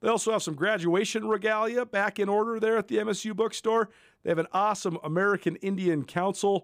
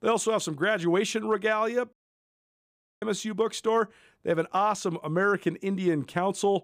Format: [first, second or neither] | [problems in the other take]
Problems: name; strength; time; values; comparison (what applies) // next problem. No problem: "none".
first | audio cutting out; at 2 s for 1 s